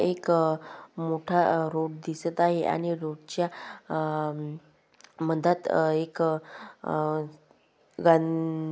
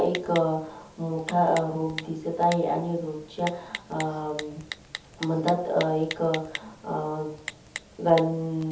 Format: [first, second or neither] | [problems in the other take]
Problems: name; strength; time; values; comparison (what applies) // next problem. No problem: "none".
first | background sound (Typing); 13 dB below the speech // room echo; dies away in 0.7 s